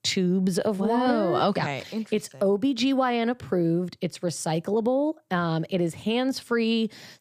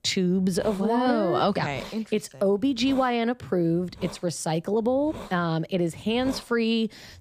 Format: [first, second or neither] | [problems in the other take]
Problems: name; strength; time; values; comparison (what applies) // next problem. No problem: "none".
first | hiss; noticeable; throughout; 20 dB below the speech